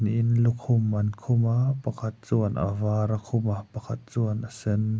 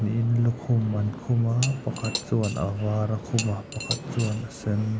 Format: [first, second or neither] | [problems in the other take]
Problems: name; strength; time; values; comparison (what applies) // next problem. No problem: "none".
first | background sound (Subway, metro, underground + Cutlery, silverware / Dishes, pots, and pans); 10 dB below the speech